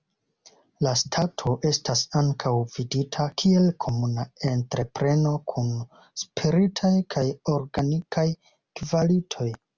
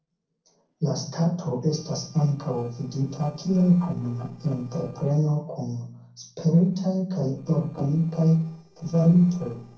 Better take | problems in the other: first | noise reduction (neural separator model SepFormer DNS4)

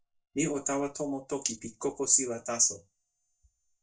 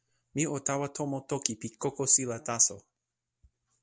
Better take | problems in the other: second | noise reduction (neural mask model DeepFilterNet 3)

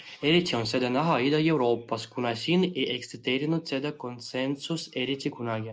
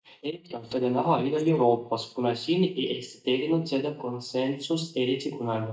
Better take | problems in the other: first | noise reduction (neural mask model DeepFilterNet 3)

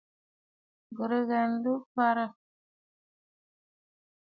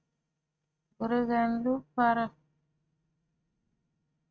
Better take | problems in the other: first | noise reduction (neural mask model RNNoise)

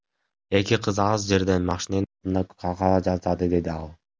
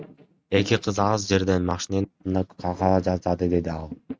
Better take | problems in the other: first | noise reduction (neural mask model RNNoise)

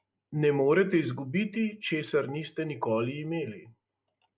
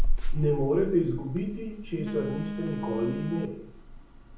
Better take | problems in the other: first | background sound (Telephone); as loud as the speech // room echo; dies away in 0.7 s

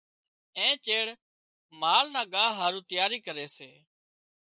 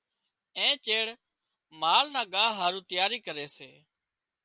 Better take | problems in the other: second | noise reduction (neural mask model Resemble Enhance denoiser)

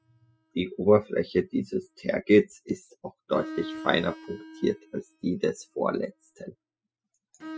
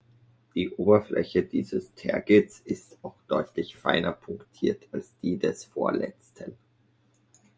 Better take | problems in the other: second | noise reduction (classical method spectral subtraction)

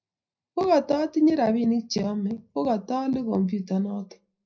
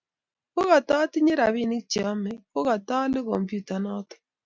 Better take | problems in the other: second | room echo; dies away in 0.4 s

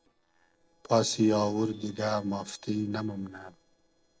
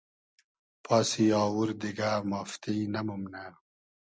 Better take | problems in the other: second | noise reduction (neural separator model SepFormer DNS4)

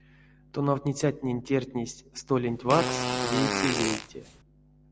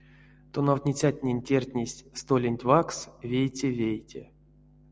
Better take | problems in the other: second | background sound (Fart); 1 dB below the speech

